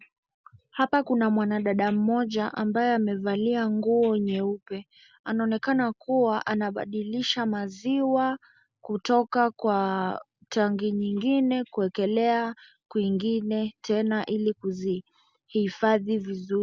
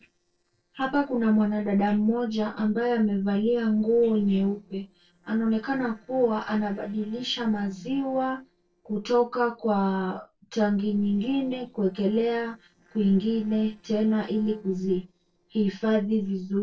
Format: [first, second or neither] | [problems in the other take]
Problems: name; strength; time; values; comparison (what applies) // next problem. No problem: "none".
first | noise reduction (neural separator model SepFormer DNS4)